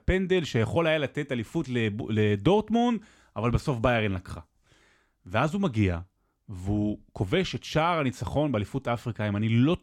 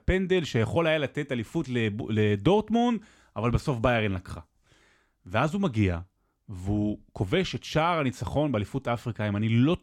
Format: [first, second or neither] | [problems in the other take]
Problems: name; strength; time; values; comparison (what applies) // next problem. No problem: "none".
neither | none